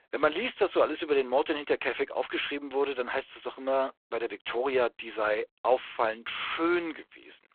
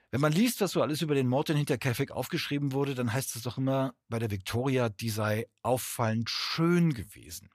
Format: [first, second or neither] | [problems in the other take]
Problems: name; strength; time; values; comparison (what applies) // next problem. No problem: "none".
second | phone-call audio; poor line